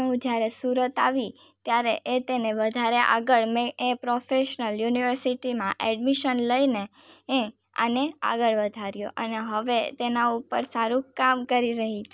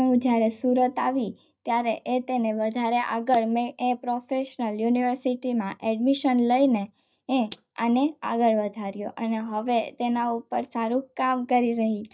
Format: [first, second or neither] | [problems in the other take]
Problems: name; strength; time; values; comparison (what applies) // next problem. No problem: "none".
first | noise reduction (neural mask model DeepFilterNet 3)